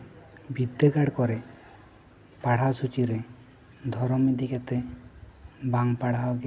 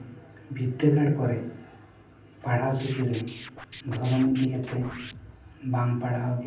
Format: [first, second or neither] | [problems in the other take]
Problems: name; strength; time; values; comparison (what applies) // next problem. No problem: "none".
first | background sound (Scratching (performance technique)); 16 dB below the speech // room echo; dies away in 0.6 s